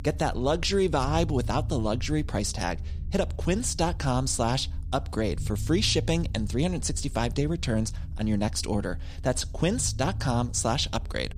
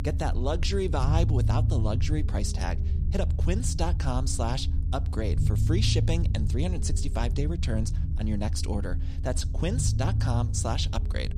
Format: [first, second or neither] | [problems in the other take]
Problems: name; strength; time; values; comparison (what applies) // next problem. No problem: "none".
first | low rumble; loud; throughout; 9 dB below the speech; faint in the first